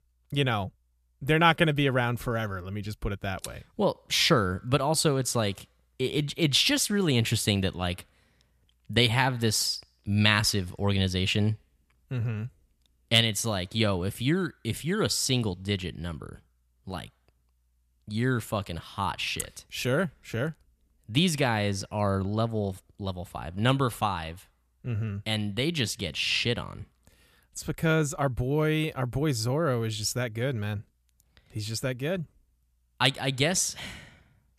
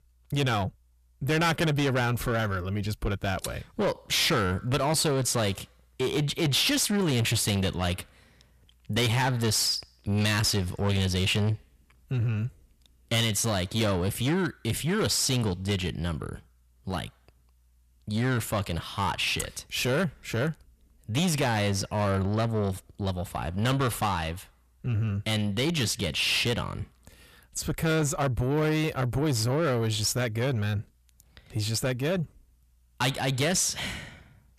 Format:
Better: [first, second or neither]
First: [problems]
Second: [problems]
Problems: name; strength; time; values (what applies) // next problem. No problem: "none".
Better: first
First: none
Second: distortion; heavy; 7 dB below the speech